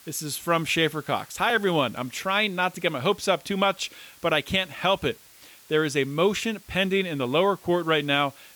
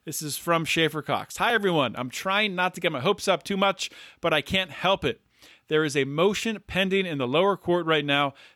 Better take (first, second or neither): second